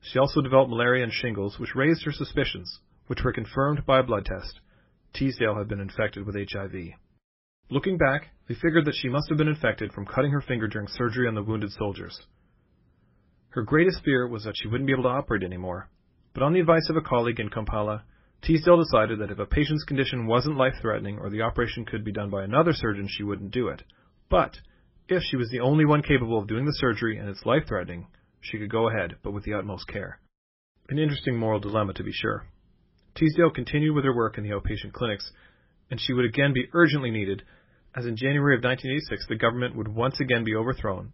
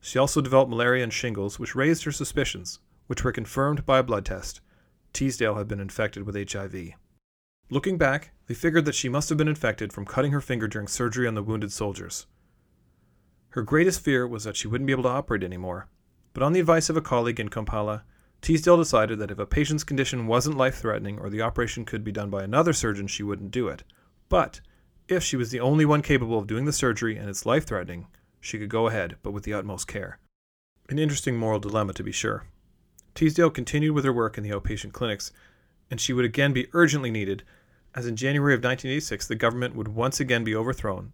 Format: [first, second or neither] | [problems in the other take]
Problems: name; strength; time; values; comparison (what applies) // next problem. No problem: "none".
second | garbled, watery; badly; nothing above 5.5 kHz